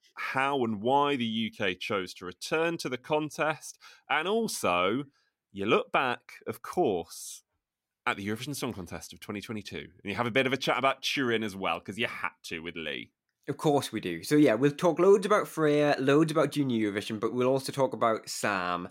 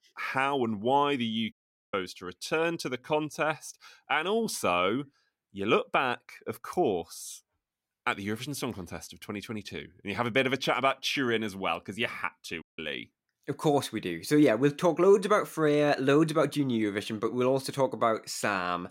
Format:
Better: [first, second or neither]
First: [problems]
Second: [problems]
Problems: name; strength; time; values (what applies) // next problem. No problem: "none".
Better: first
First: none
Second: audio cutting out; at 1.5 s and at 13 s